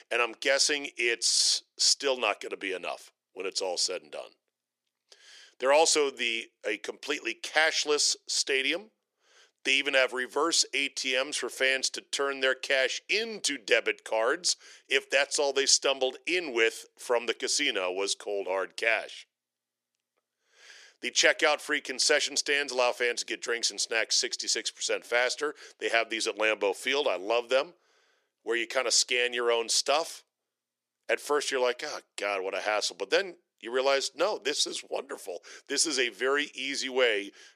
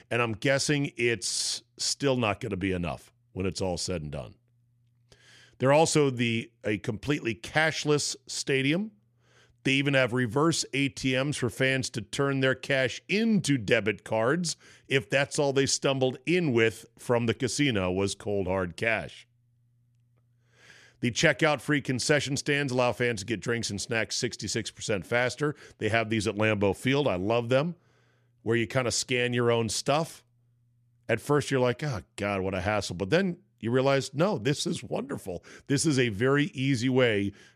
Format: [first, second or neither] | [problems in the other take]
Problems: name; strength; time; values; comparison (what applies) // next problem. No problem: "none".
second | thin; very; fading below 400 Hz